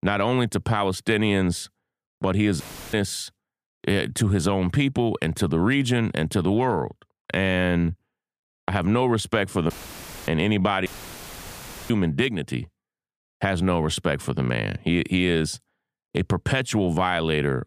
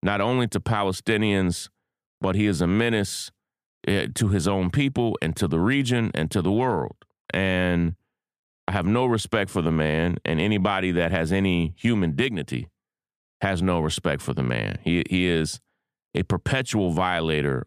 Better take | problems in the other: second | audio cutting out; filled with static; at 2.5 s, at 9.5 s for 0.5 s and at 11 s for 1 s

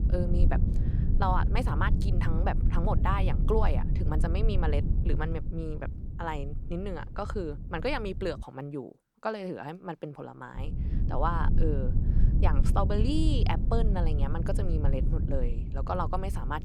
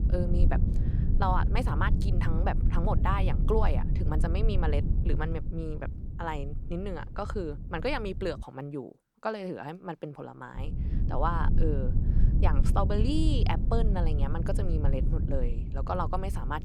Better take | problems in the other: neither | low rumble; loud; until 8.5 s and from 11 s on; 9 dB below the speech; the same in both

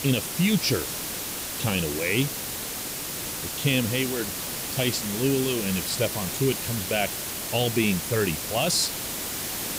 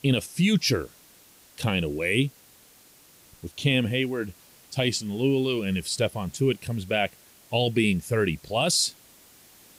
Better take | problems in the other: second | hiss; loud; throughout; 3 dB below the speech; faint in the second

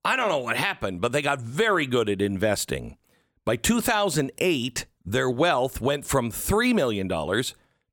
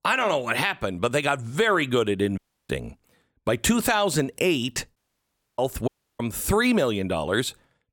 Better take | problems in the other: first | audio cutting out; at 2.5 s, at 5 s for 0.5 s and at 6 s

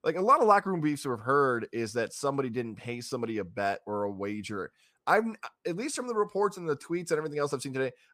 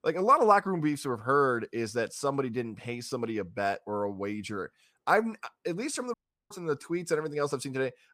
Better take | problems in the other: first | audio cutting out; at 6 s

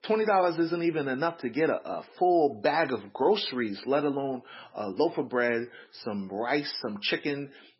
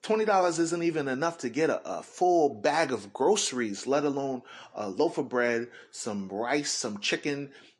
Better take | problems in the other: second | garbled, watery; badly; nothing above 5.5 kHz; slightly in the second

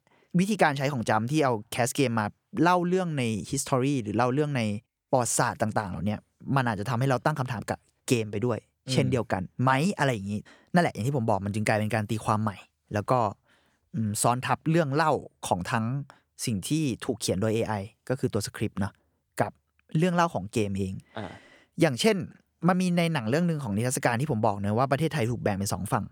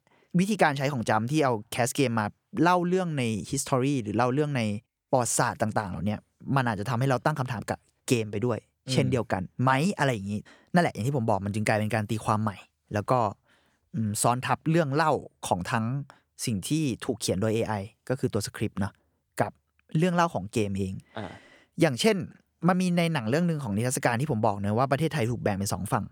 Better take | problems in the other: neither | none

